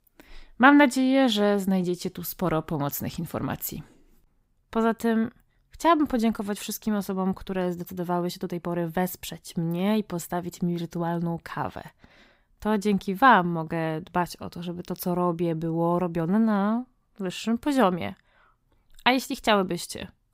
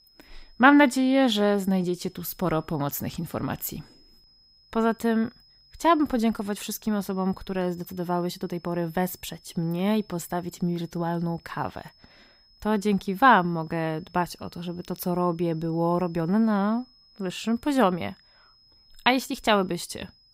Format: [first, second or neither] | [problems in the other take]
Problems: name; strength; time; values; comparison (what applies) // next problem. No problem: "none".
first | high-pitched whine; faint; throughout; 5 kHz, 30 dB below the speech